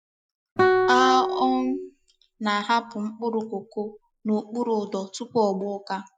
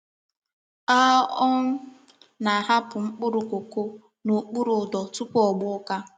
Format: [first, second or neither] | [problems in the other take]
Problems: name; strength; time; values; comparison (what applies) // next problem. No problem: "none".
second | noise reduction (classical method Wiener filter)